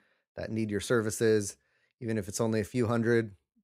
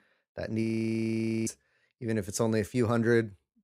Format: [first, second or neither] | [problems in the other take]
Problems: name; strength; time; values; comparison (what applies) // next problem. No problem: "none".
first | audio freezing; at 0.5 s for 1 s